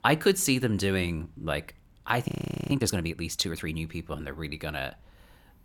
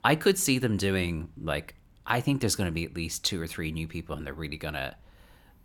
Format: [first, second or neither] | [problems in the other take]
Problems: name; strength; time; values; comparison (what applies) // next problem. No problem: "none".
second | audio freezing; at 2.5 s